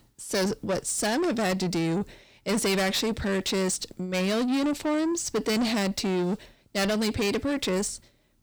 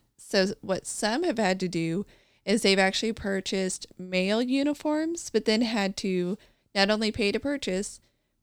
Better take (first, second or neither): second